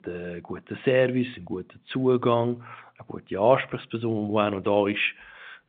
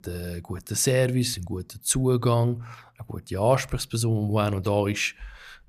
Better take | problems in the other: second | phone-call audio

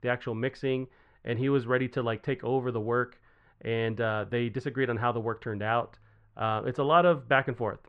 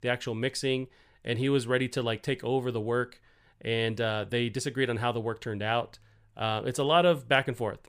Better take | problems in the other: second | muffled; very; fading above 2 kHz

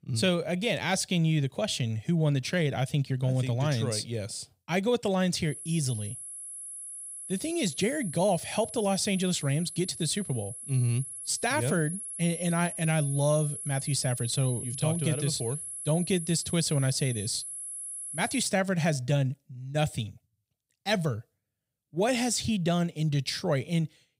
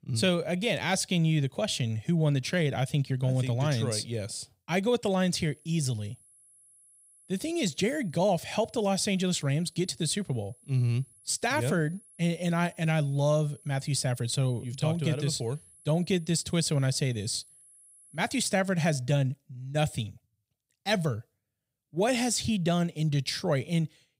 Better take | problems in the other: second | high-pitched whine; loud; from 5.5 to 18 s; 11 kHz, 8 dB below the speech; faint in the second

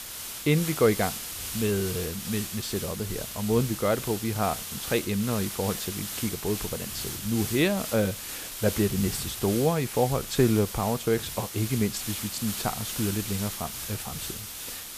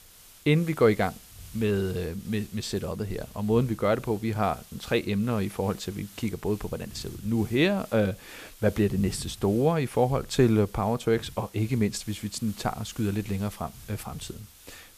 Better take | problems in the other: second | hiss; loud; throughout; 5 dB below the speech; faint in the second

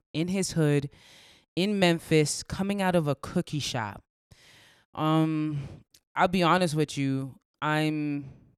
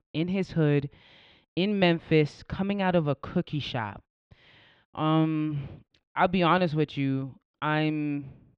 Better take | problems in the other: first | muffled; slightly; fading above 3.5 kHz

